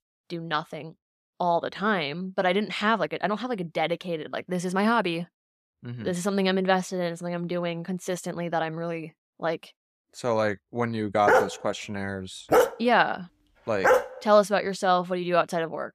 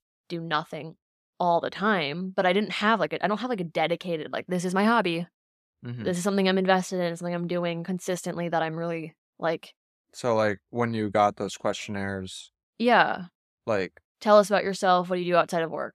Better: second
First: dog barking; loud; from 11 to 14 s; peak 5 dB above the speech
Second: none

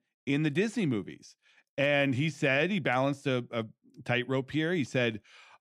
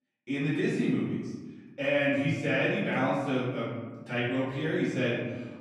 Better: first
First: none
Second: off-mic speech; far // room echo; noticeable; dies away in 1.2 s

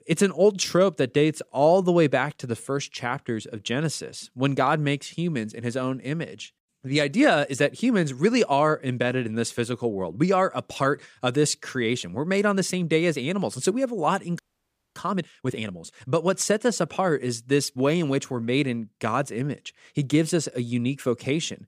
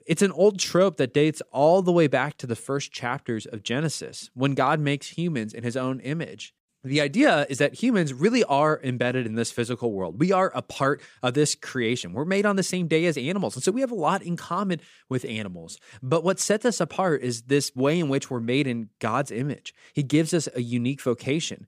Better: second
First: audio freezing; at 14 s for 0.5 s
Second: none

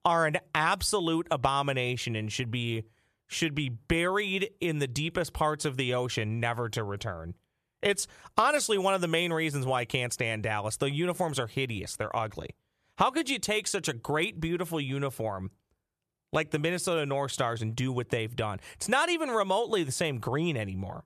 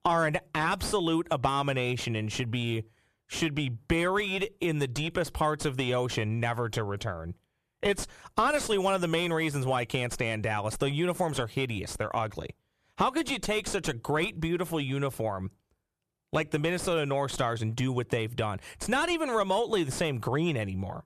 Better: first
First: none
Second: distortion; slight; 9 dB below the speech

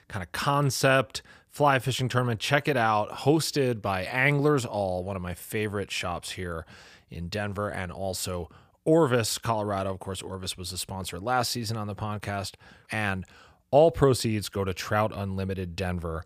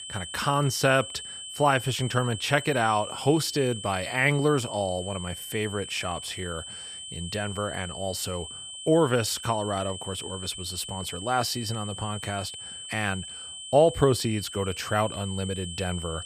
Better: first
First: none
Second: high-pitched whine; loud; throughout; 3 kHz, 10 dB below the speech

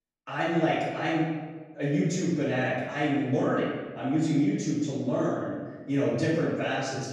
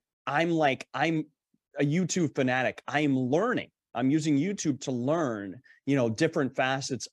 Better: second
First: off-mic speech; far // room echo; strong; dies away in 1.2 s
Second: none

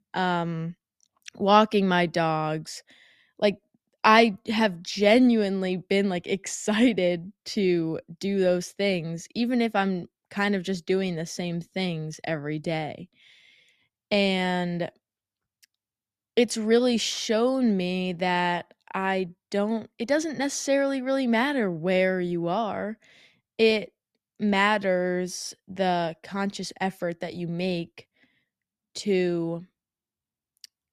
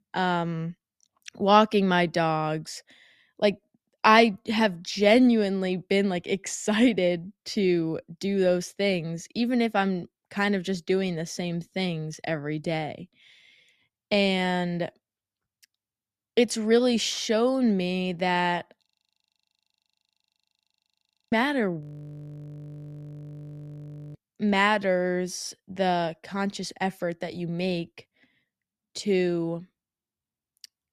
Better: first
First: none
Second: audio freezing; at 19 s for 2.5 s and at 22 s for 2.5 s

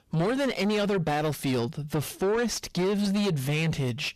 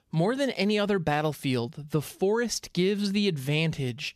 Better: second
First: distortion; heavy; 7 dB below the speech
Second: none

